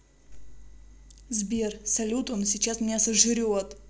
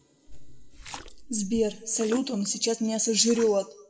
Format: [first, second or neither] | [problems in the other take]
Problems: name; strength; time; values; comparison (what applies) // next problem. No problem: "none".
first | noise reduction (classical method WPE with log-MMSE)